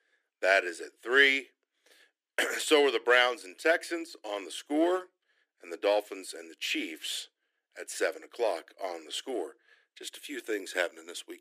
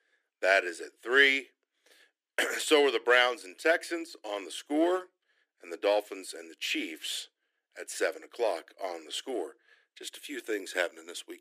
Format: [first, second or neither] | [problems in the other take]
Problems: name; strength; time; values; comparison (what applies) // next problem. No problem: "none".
neither | thin; somewhat; fading below 300 Hz; the same in both